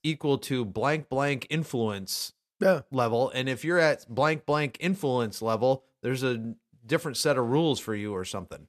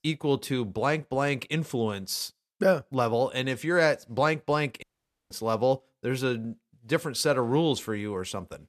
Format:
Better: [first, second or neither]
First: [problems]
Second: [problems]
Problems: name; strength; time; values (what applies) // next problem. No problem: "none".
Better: first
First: none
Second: audio cutting out; at 5 s